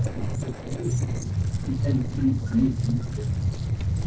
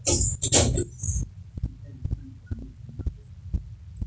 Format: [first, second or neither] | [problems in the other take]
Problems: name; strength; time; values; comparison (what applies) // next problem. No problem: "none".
second | noise reduction (neural separator model SepFormer DNS4)